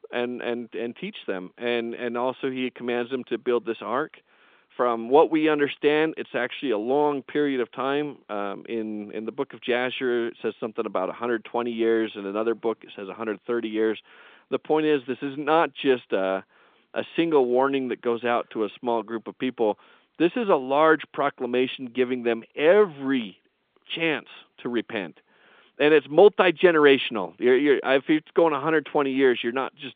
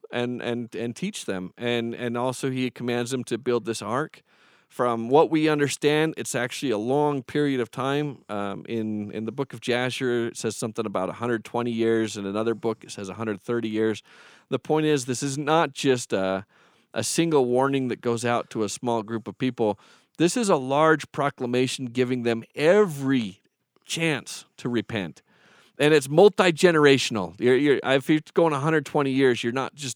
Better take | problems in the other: second | phone-call audio

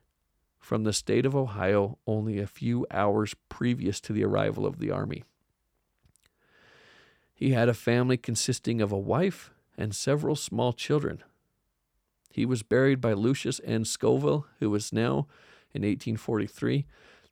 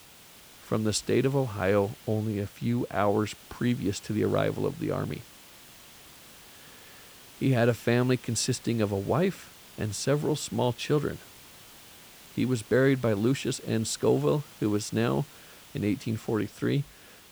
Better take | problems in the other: first | hiss; faint; throughout; 20 dB below the speech

